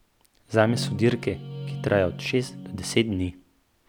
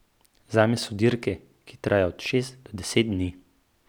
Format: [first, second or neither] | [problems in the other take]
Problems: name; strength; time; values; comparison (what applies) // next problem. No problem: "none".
second | background sound (Guitar); 8 dB below the speech